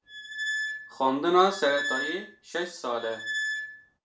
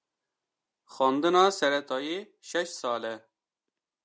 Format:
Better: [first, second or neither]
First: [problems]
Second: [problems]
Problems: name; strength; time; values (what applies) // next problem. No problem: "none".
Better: second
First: background sound (Squeak); 5 dB below the speech // room echo; dies away in 0.3 s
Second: none